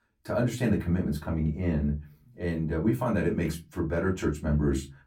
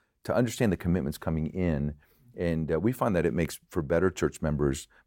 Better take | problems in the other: second | off-mic speech; far // room echo; very slight; dies away in 0.2 s

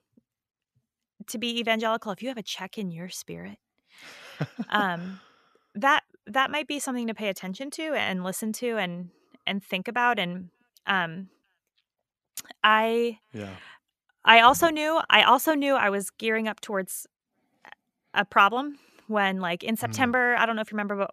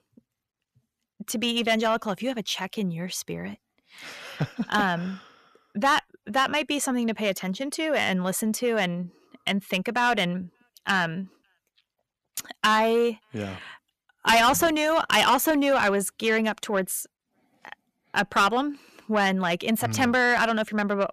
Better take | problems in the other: first | distortion; heavy; 7 dB below the speech

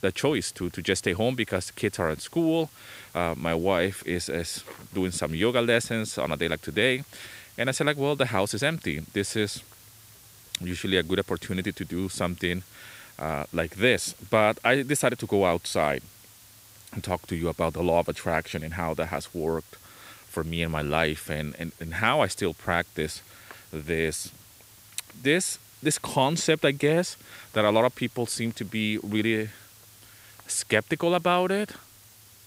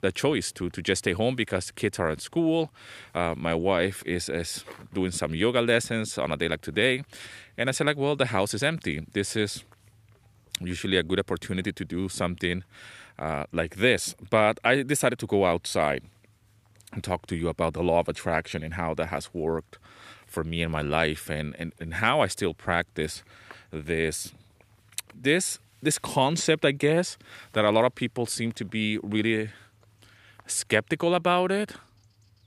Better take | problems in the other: second | hiss; faint; throughout; 25 dB below the speech

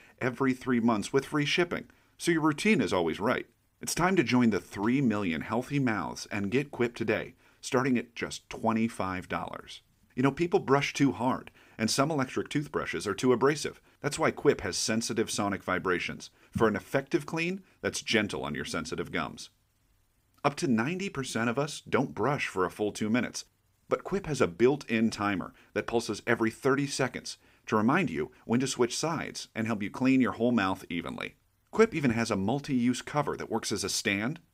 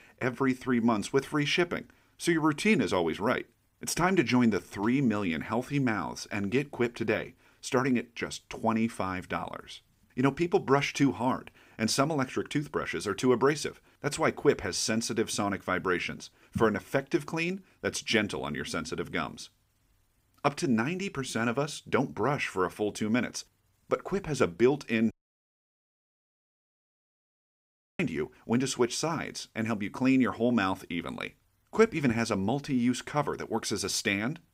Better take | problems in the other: first | audio cutting out; at 25 s for 3 s

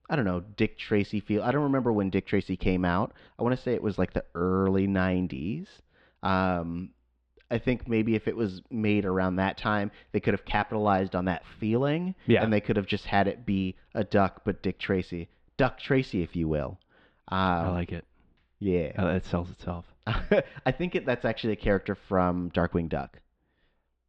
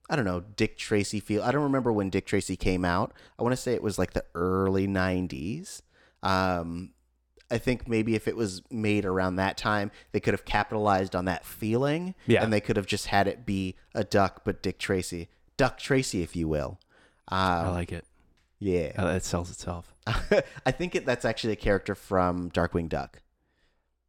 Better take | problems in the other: second | muffled; slightly; fading above 3.5 kHz

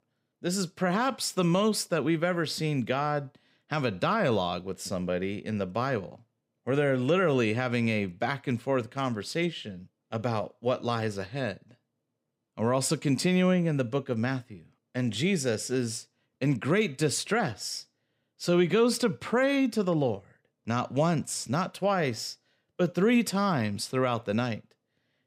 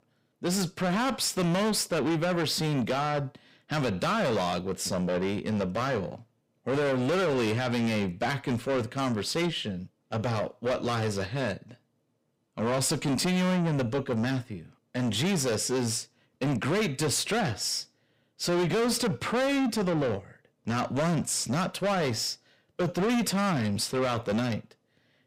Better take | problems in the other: first | distortion; heavy; 6 dB below the speech

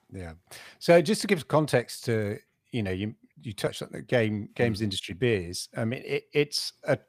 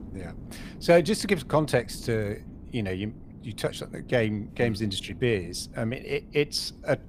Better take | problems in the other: first | wind noise on the microphone; occasional gusts; 25 dB below the speech

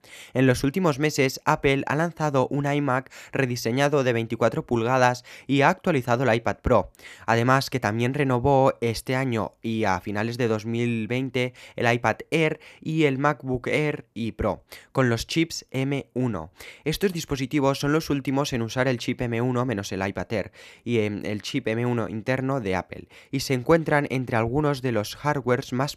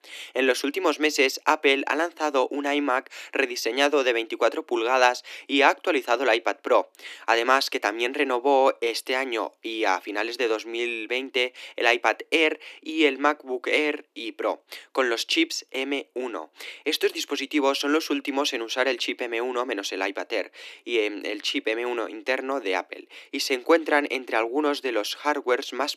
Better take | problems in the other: first | thin; somewhat; fading below 300 Hz

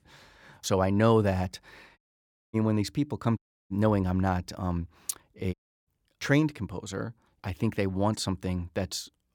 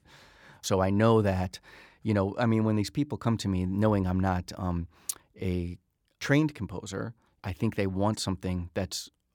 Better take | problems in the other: second | audio cutting out; at 2 s for 0.5 s, at 3.5 s and at 5.5 s

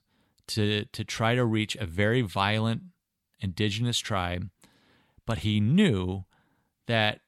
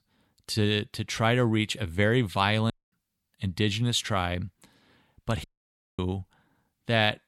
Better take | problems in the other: first | audio cutting out; at 2.5 s and at 5.5 s for 0.5 s

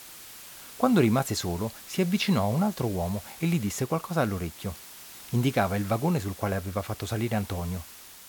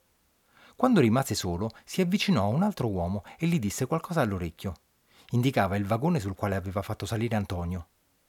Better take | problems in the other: second | hiss; noticeable; throughout; 15 dB below the speech

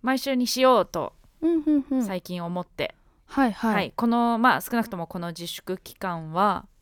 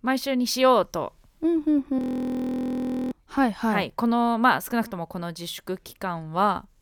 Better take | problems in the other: first | audio freezing; at 2 s for 1 s

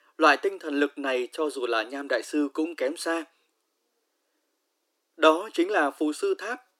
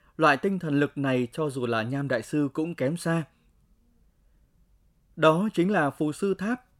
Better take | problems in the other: second | thin; somewhat; fading below 300 Hz

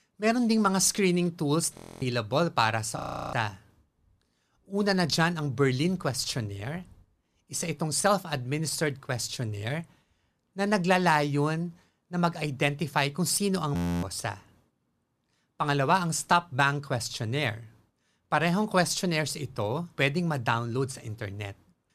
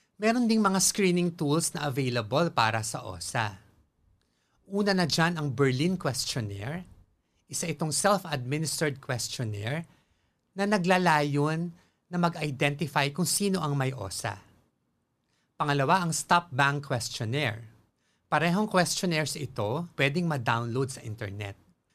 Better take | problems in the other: second | audio freezing; at 2 s, at 3 s and at 14 s

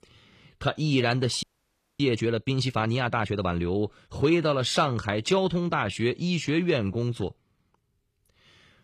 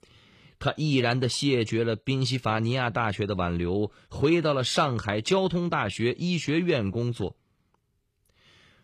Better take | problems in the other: second | audio freezing; at 1.5 s for 0.5 s

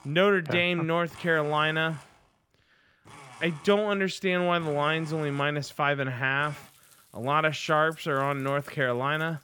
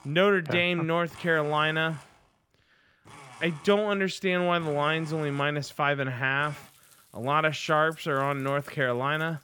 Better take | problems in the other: neither | household noises; faint; throughout; 25 dB below the speech; the same in both

